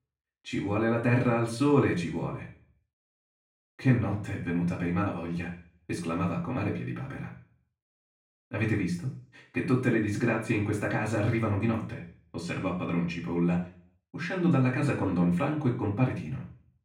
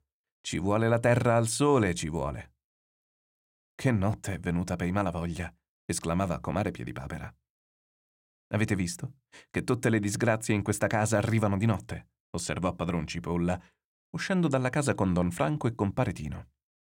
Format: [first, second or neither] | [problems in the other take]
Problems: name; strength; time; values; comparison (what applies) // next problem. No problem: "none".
second | room echo; slight; dies away in 0.5 s // off-mic speech; far